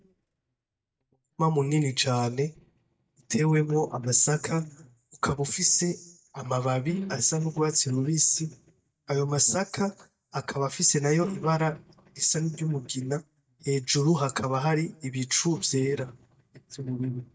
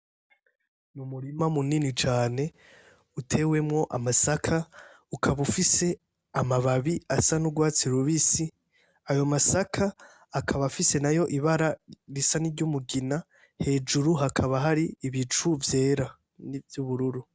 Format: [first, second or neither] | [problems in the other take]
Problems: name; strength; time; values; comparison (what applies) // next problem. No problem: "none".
second | noise reduction (neural mask model DeepFilterNet 3)